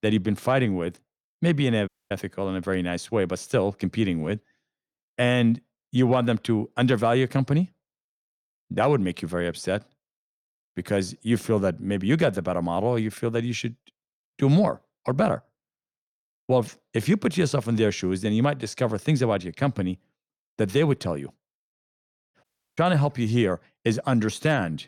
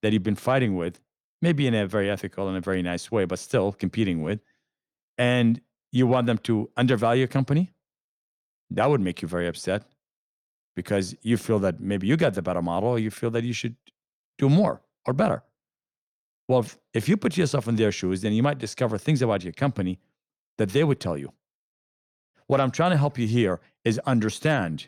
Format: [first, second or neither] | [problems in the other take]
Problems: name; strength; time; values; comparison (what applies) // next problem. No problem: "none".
second | audio cutting out; at 2 s and at 22 s